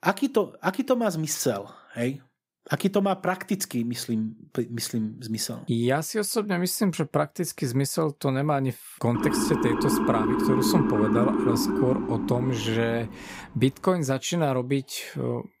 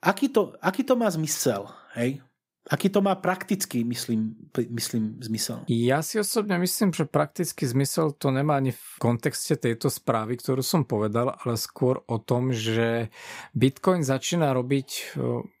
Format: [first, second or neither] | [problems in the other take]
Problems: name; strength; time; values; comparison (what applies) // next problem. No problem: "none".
second | siren; loud; from 9 to 13 s; peak 4 dB above the speech